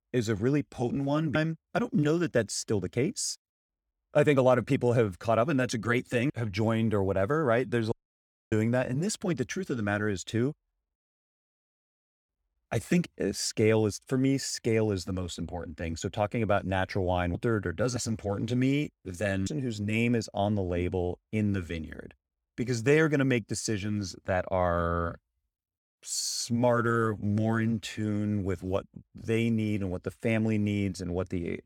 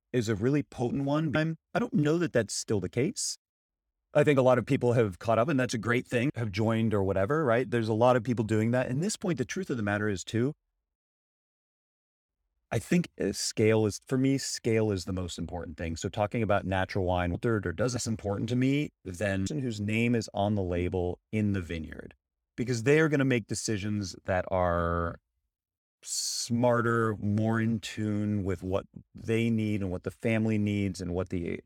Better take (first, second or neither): second